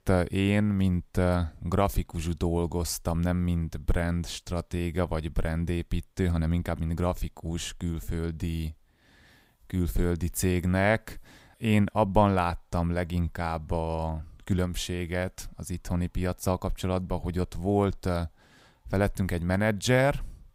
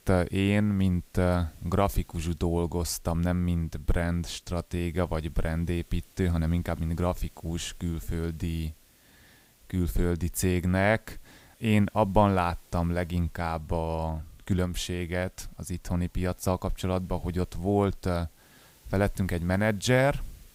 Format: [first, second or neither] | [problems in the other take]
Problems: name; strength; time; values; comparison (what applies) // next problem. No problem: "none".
first | hiss; faint; throughout; 30 dB below the speech